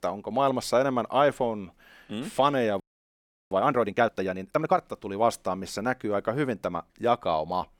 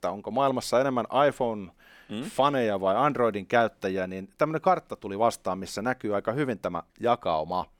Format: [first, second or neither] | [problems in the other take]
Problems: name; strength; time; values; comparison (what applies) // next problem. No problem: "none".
second | audio freezing; at 3 s for 0.5 s